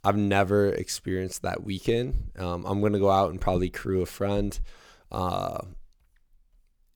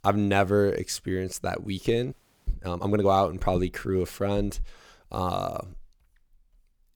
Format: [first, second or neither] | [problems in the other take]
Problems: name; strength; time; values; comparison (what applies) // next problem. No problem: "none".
first | audio freezing; at 2 s